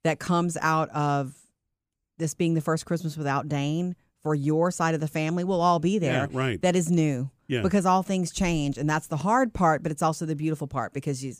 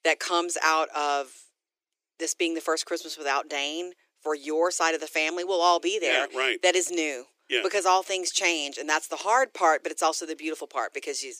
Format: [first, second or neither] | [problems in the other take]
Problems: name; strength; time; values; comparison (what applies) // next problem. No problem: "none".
first | thin; very; fading below 350 Hz